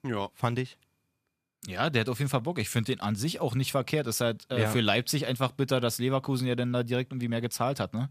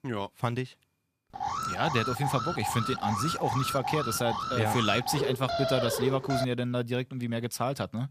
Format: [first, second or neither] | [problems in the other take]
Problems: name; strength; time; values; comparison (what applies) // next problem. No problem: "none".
first | alarm; loud; from 1.5 to 6.5 s; peak 1 dB above the speech